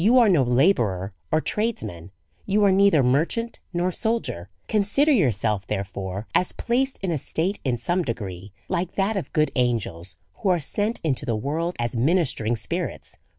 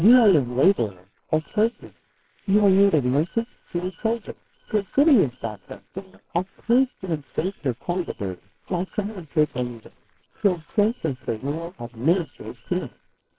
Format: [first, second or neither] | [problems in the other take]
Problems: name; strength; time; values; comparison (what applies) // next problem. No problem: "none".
first | noise reduction (neural separator model SepFormer WHAMR!)